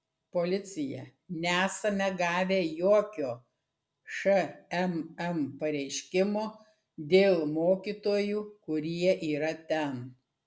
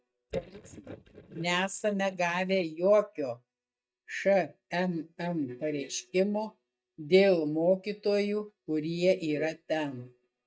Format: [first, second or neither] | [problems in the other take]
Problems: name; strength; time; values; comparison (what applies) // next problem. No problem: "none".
first | noise reduction (neural mask model DeepFilterNet 3)